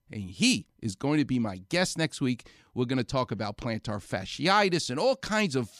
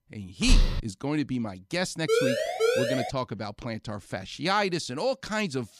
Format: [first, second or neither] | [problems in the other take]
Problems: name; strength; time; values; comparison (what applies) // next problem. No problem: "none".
first | footsteps; loud; at 0.5 s; peak 4 dB above the speech // siren; loud; from 2 to 3 s; peak 5 dB above the speech